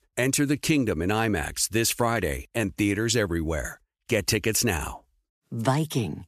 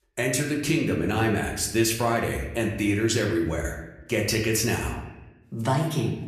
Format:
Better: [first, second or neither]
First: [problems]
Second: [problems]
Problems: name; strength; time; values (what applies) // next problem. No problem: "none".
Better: first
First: none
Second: room echo; slight; dies away in 0.8 s // off-mic speech; somewhat distant